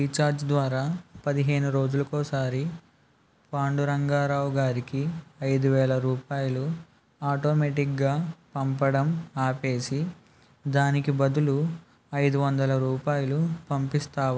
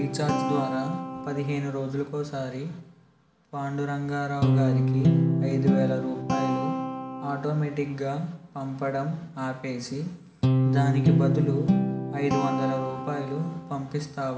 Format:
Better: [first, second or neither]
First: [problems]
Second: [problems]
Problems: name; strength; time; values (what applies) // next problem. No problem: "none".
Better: first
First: none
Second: background sound (Guitar); 3 dB above the speech // room echo; dies away in 0.8 s